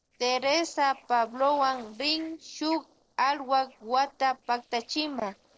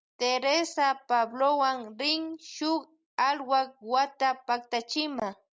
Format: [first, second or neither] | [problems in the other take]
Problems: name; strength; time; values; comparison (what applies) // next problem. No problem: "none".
second | noise reduction (neural separator model SepFormer DNS4)